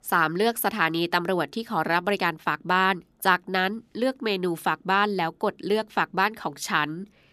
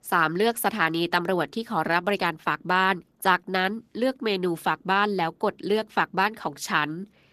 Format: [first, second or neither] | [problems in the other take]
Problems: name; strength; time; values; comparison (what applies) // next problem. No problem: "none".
first | garbled, watery; slightly; nothing above 14 kHz